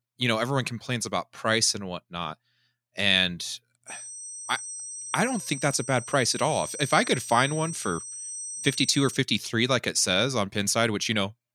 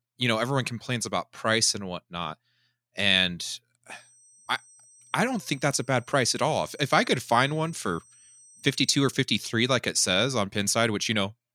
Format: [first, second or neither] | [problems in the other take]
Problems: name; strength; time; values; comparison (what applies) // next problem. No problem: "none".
second | high-pitched whine; loud; from 4 to 9 s; 8.5 kHz, 10 dB below the speech; faint in the second